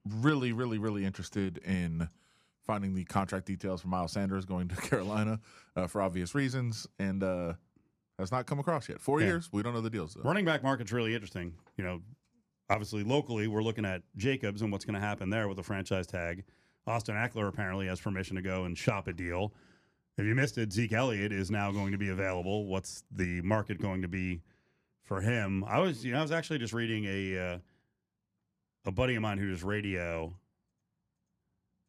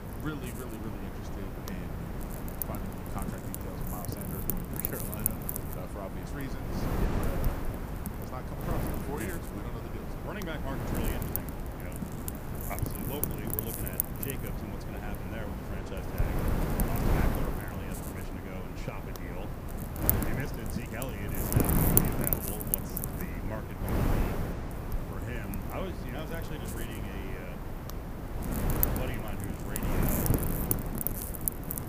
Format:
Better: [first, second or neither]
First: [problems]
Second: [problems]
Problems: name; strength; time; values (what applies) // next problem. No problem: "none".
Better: first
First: none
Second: wind noise on the microphone; heavy; 5 dB above the speech